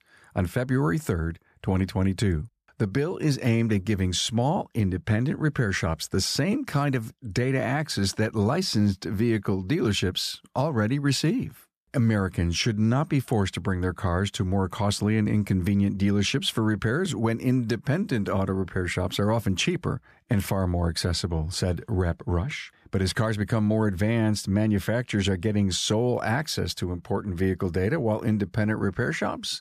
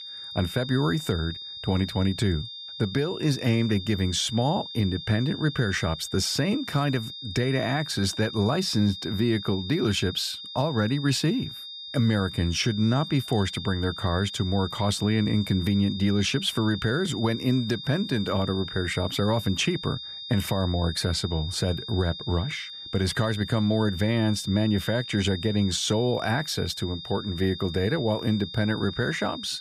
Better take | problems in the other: first | high-pitched whine; loud; throughout; 3.5 kHz, 10 dB below the speech

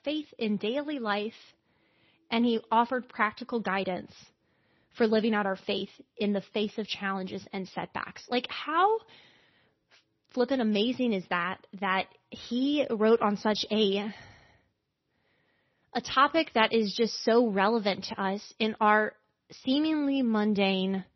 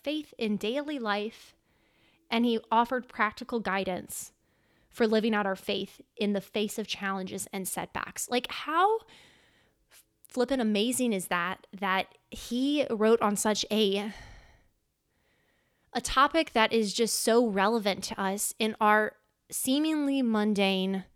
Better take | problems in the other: second | garbled, watery; slightly; nothing above 6 kHz

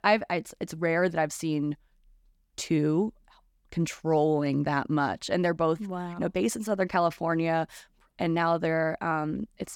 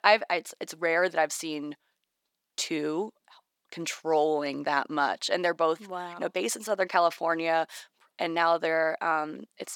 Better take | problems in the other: first | thin; somewhat; fading below 500 Hz

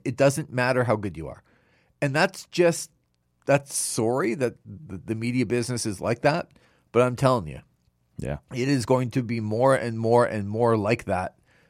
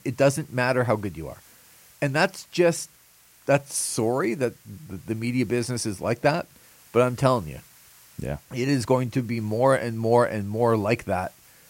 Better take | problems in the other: first | hiss; faint; throughout; 25 dB below the speech

